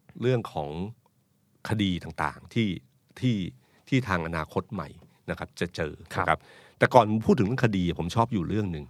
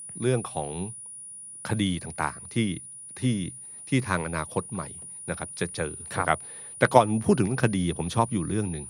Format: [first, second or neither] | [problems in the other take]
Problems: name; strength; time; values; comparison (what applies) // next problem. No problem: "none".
first | high-pitched whine; noticeable; throughout; 9.5 kHz, 10 dB below the speech